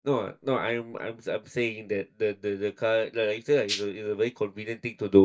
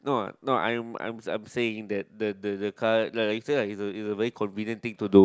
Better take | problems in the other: second | noise reduction (neural mask model DeepFilterNet 3)

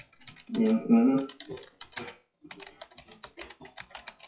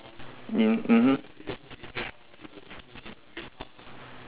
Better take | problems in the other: second | noise reduction (classical method WPE with log-MMSE)

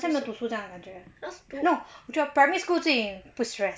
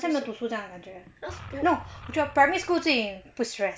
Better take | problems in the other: first | background sound (Engine); 16 dB below the speech

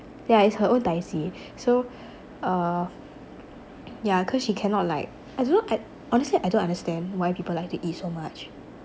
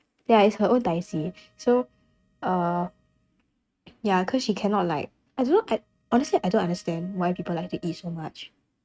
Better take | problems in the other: first | noise reduction (neural mask model RNNoise)

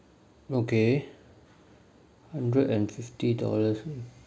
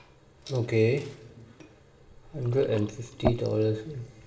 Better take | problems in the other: first | background sound (Fill (with liquid) / Glass); 10 dB below the speech // room echo; dies away in 1.6 s

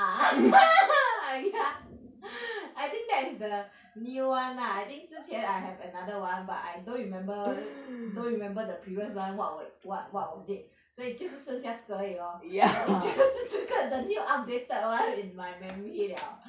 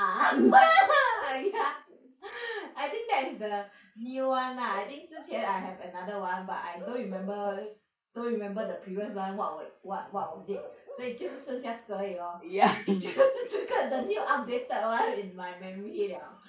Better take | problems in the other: first | noise reduction (neural mask model Resemble Enhance denoiser)

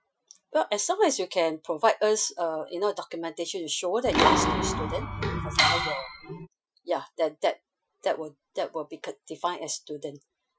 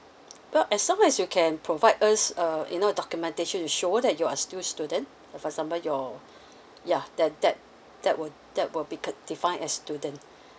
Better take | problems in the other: second | noise reduction (classical method Wiener filter)

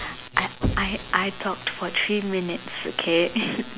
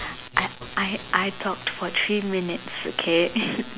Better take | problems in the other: second | background sound (Knock / Wood); 8 dB below the speech

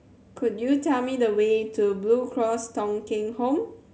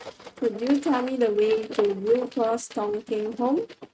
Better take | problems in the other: first | noise reduction (neural mask model RNNoise)

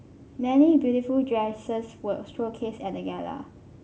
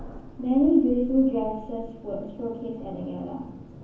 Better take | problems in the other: first | background sound (Thunder); 16 dB below the speech // room echo; dies away in 0.7 s

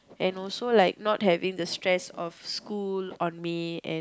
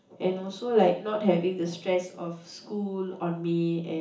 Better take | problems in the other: first | room echo; dies away in 0.7 s

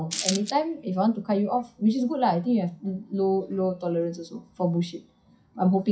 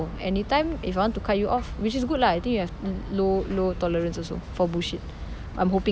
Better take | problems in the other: second | noise reduction (classical method WPE with log-MMSE)

